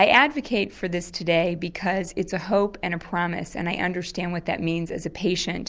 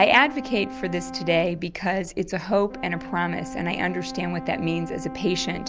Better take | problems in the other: first | background sound (Brass instrument); 12 dB below the speech

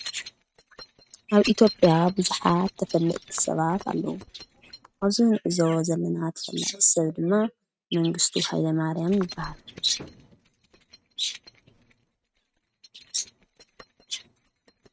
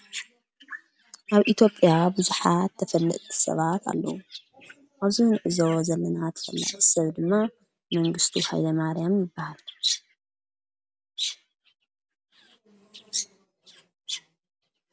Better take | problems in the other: second | noise reduction (neural mask model RNNoise)

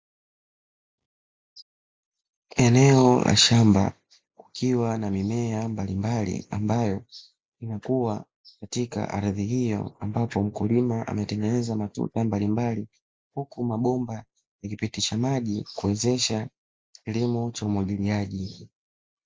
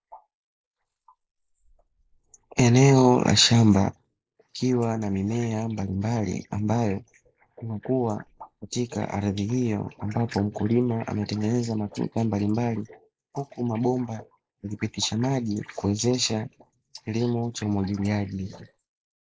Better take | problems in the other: first | noise reduction (neural mask model Resemble Enhance denoiser)

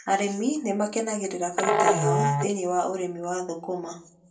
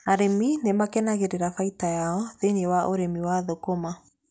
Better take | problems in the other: second | background sound (Musical instrument); 1 dB above the speech // room echo; dies away in 0.2 s

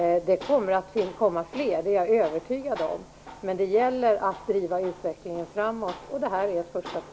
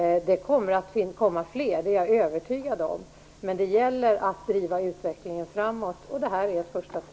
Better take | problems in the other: second | background sound (Tools); 19 dB below the speech

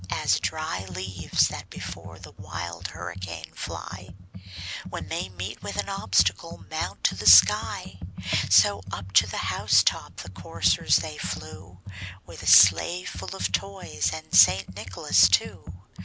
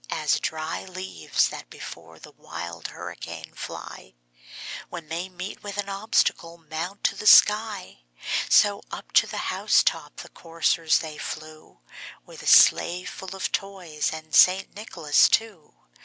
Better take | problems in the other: second | background sound (Computer keyboard); 10 dB below the speech

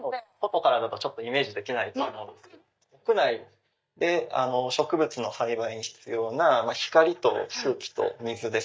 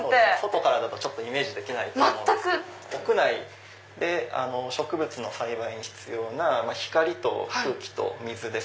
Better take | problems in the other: second | noise reduction (neural mask model DeepFilterNet 3)

